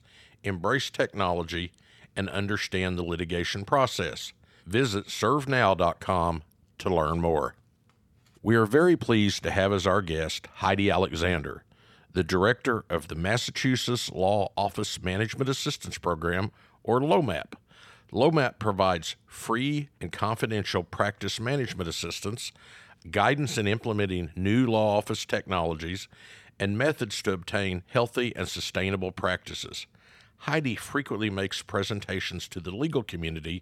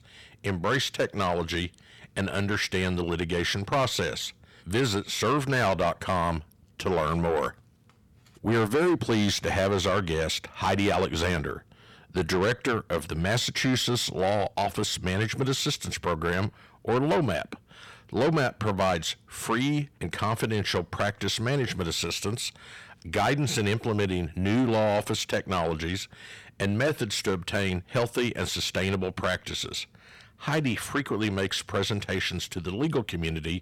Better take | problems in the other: first | distortion; heavy; 8 dB below the speech

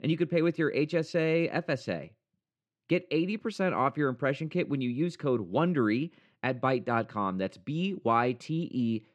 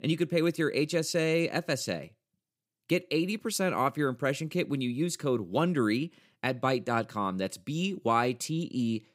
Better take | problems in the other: second | muffled; slightly; fading above 3 kHz

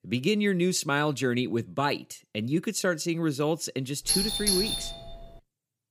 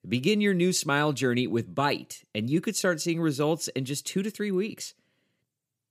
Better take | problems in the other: second | doorbell; loud; from 4 to 5.5 s; peak 3 dB above the speech

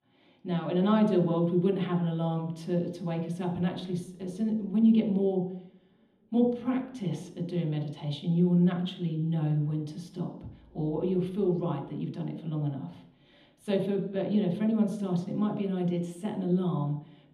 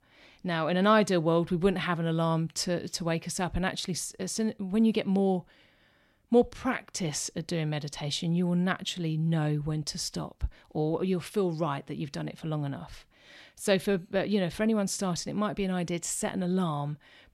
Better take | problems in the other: second | room echo; noticeable; dies away in 0.8 s // off-mic speech; far

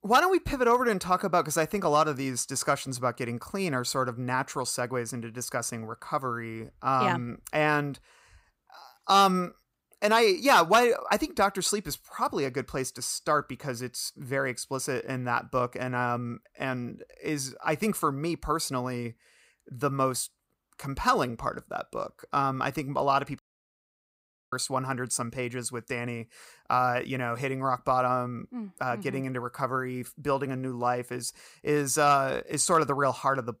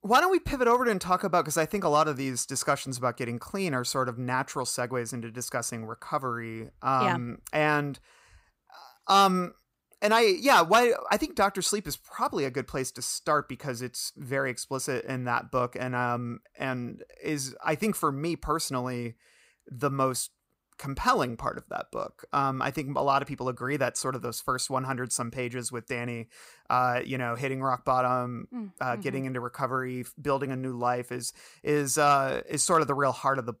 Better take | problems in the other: second | audio cutting out; at 23 s for 1 s

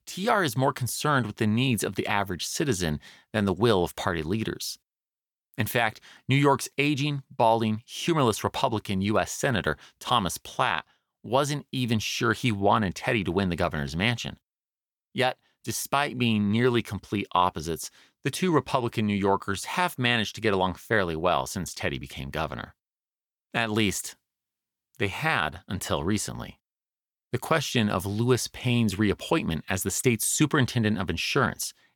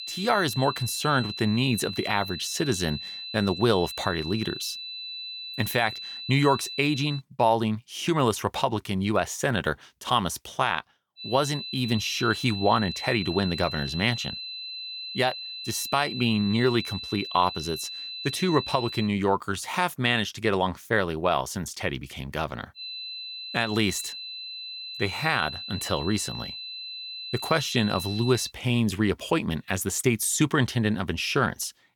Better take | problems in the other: first | high-pitched whine; loud; until 7 s, from 11 to 19 s and from 23 to 28 s; 4 kHz, 8 dB below the speech

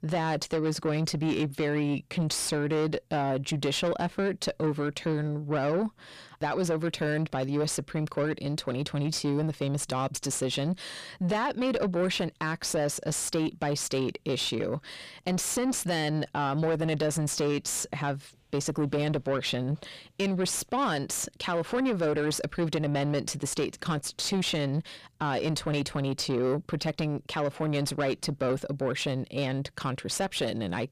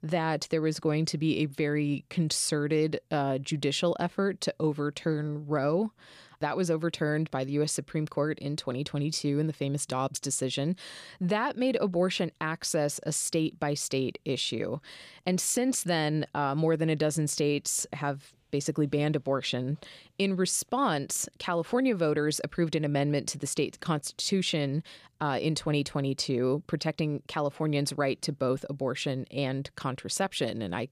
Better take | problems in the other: second | distortion; slight; 9 dB below the speech

